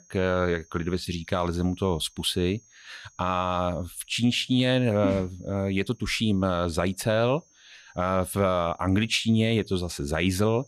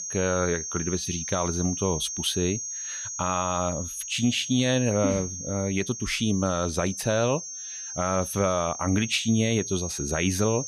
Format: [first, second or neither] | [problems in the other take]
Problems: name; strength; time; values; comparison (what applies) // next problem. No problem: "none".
first | high-pitched whine; loud; throughout; 6.5 kHz, 6 dB below the speech; faint in the first